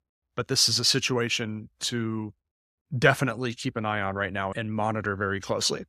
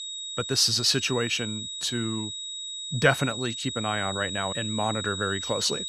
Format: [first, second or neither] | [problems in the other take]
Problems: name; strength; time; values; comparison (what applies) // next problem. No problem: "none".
first | high-pitched whine; loud; throughout; 4 kHz, 6 dB below the speech